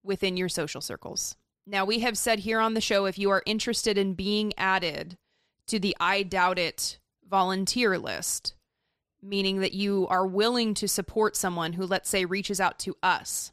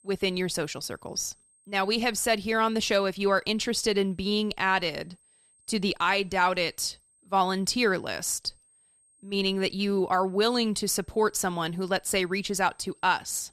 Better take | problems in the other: first | high-pitched whine; faint; throughout; 8.5 kHz, 35 dB below the speech

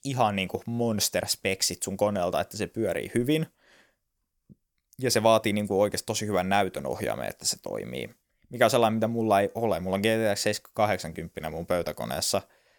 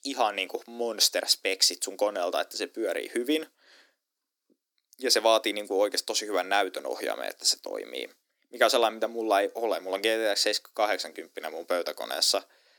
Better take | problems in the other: first | thin; somewhat; fading below 250 Hz

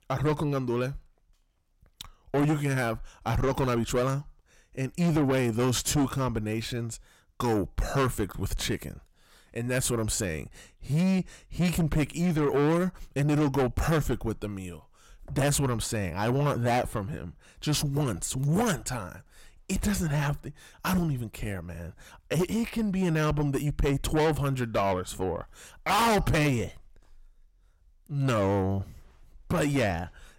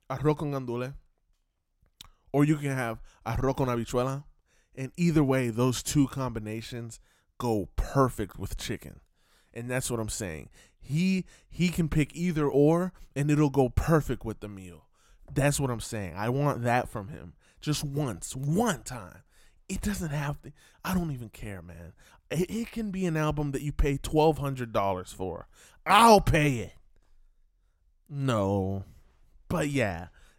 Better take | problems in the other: second | distortion; heavy; 5 dB below the speech

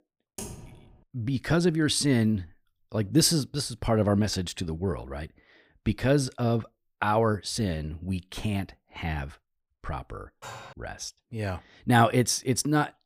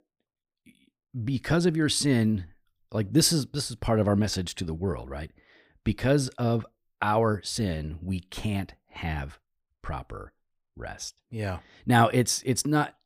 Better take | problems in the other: second | keyboard typing; faint; at 0.5 s; peak 10 dB below the speech // clattering dishes; faint; at 10 s; peak 15 dB below the speech

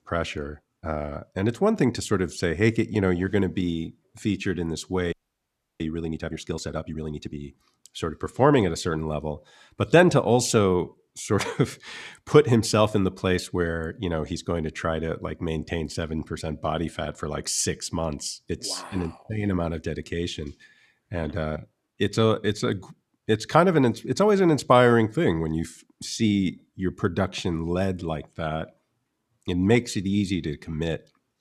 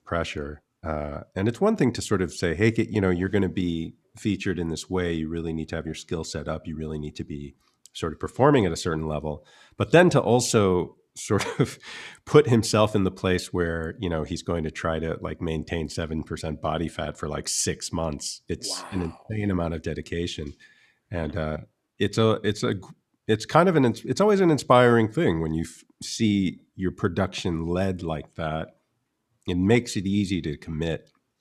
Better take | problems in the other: second | audio freezing; at 5 s for 0.5 s

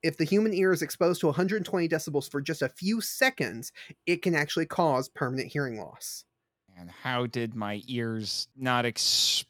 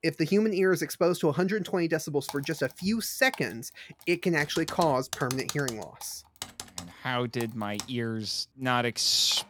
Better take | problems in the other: first | keyboard typing; noticeable; from 2.5 s on; peak 6 dB below the speech

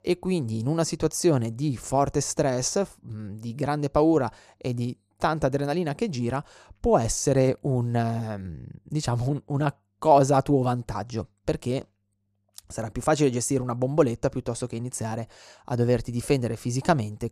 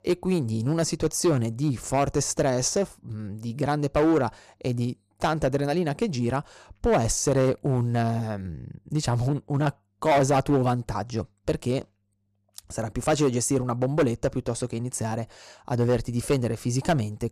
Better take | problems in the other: first | distortion; slight; 4% of the sound clipped

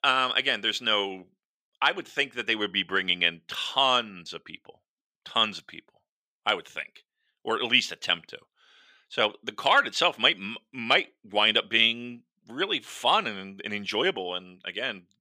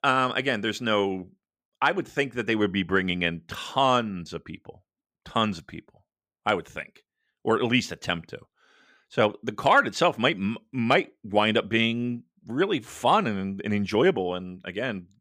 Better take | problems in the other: second | thin; somewhat; fading below 600 Hz

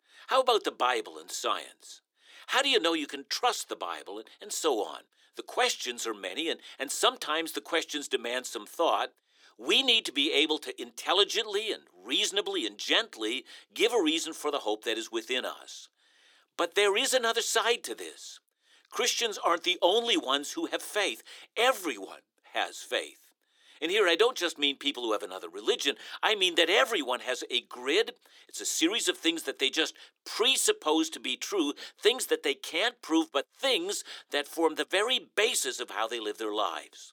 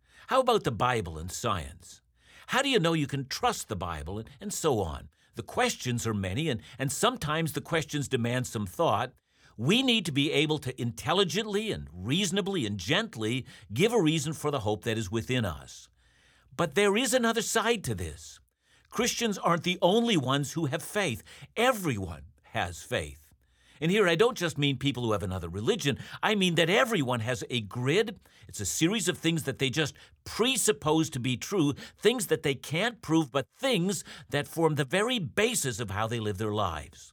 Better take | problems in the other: second | thin; somewhat; fading below 300 Hz

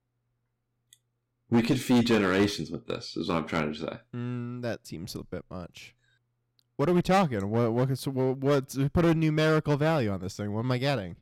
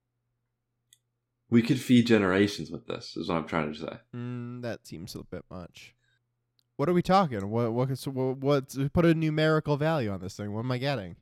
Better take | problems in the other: second | distortion; slight; 6% of the sound clipped

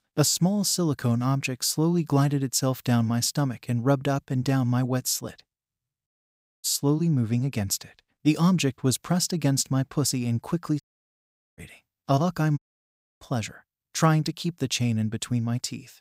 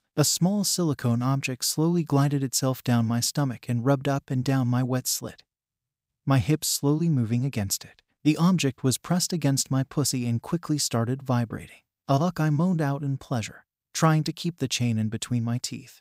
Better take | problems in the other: second | audio cutting out; at 6 s for 0.5 s, at 11 s for 1 s and at 13 s for 0.5 s

